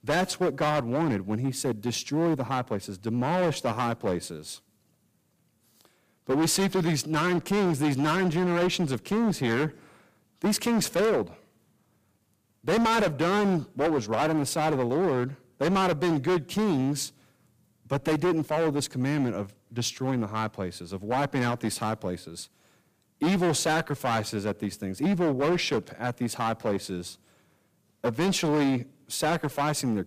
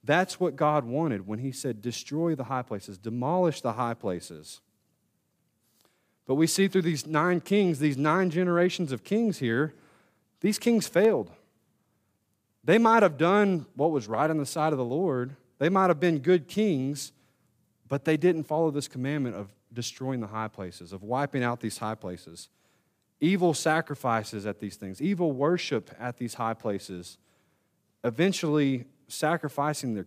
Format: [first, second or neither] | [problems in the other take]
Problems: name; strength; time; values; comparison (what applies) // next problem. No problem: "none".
second | distortion; heavy; 14% of the sound clipped